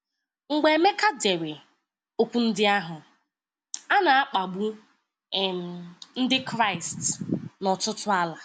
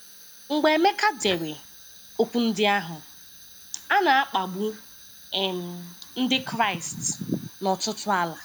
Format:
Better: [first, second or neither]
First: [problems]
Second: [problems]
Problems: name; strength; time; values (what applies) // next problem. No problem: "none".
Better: first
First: none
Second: background sound (Fire); 19 dB below the speech